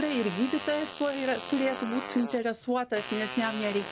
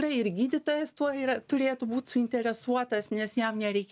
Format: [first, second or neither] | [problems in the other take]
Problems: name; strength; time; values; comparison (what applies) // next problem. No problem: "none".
second | background sound (Fart); 10 dB below the speech